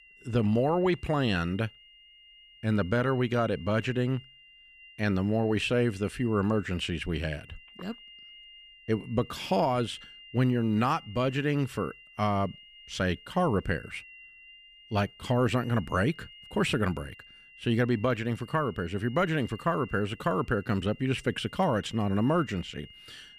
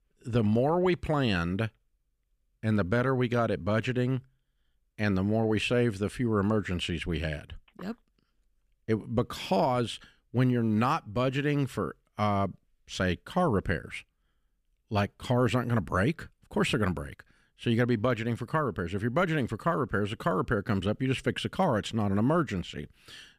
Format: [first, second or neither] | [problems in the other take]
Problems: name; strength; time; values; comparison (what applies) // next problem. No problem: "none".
second | high-pitched whine; faint; throughout; 3 kHz, 20 dB below the speech